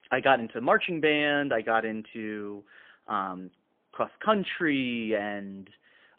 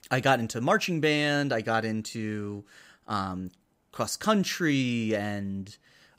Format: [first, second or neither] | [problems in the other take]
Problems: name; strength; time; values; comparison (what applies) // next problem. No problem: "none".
second | phone-call audio; poor line